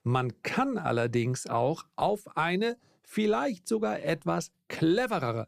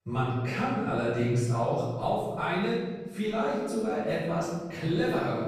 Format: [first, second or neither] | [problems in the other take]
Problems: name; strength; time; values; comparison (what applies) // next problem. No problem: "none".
first | off-mic speech; far // room echo; strong; dies away in 1.4 s